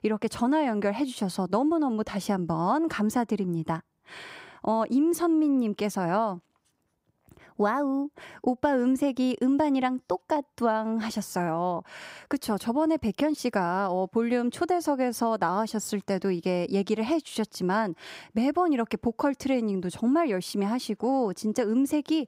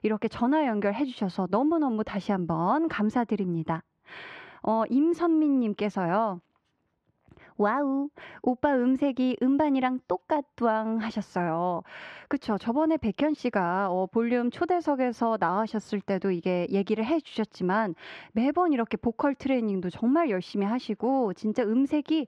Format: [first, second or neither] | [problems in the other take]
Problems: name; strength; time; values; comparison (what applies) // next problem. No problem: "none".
first | muffled; slightly; fading above 3 kHz